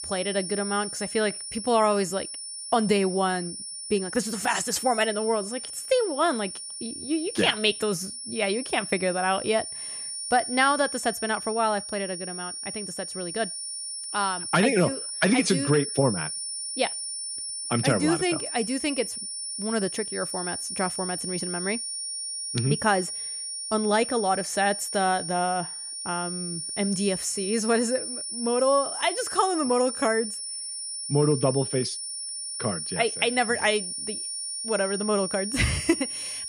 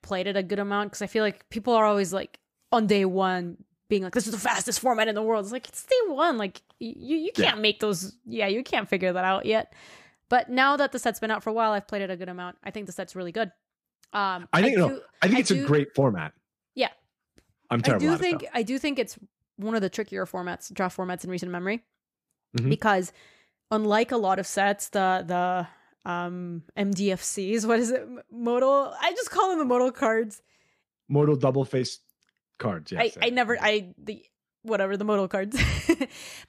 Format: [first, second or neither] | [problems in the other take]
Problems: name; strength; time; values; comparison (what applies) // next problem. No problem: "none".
second | high-pitched whine; loud; throughout; 9.5 kHz, 5 dB below the speech